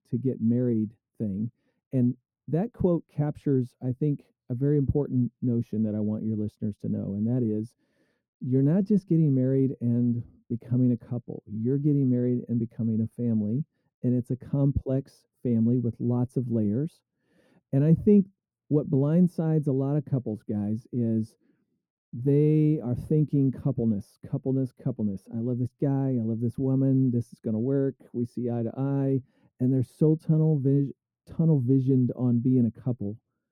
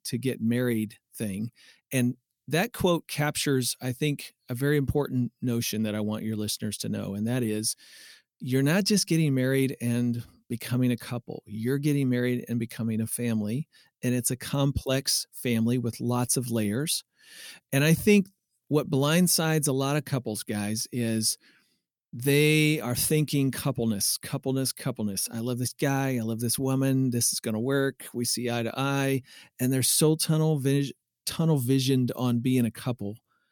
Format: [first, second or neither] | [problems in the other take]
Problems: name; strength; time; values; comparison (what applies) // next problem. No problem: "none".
second | muffled; very; fading above 1.5 kHz